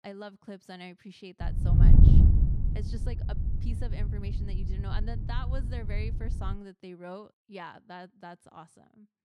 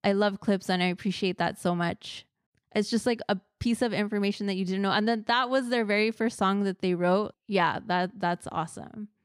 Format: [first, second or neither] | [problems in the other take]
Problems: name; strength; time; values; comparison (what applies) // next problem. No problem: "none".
second | wind noise on the microphone; heavy; from 1.5 to 6.5 s; 3 dB above the speech